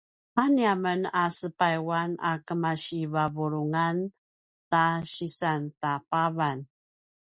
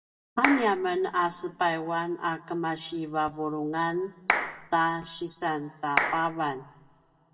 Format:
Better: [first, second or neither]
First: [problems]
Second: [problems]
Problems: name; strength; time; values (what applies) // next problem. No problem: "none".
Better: first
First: none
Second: background sound (Clapping); 3 dB below the speech // room echo; dies away in 1.5 s